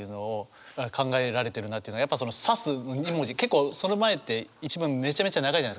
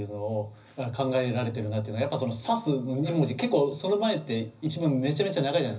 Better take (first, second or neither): first